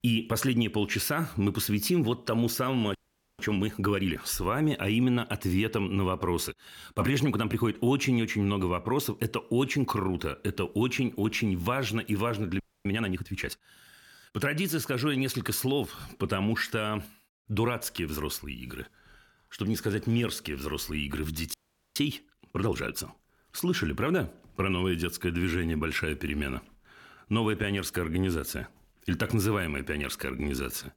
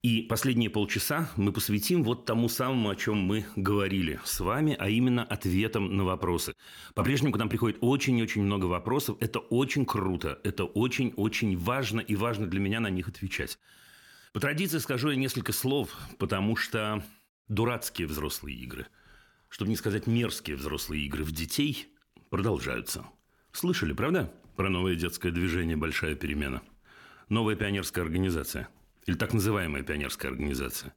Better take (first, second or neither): second